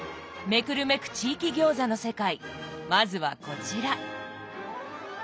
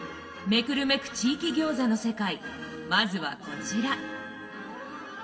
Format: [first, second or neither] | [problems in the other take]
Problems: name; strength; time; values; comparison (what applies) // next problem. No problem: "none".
first | room echo; dies away in 3 s